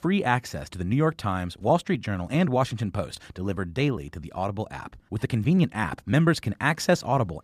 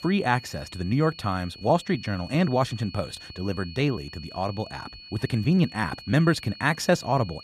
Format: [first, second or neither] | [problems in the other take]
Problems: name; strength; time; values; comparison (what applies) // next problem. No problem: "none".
first | high-pitched whine; noticeable; throughout; 4.5 kHz, 15 dB below the speech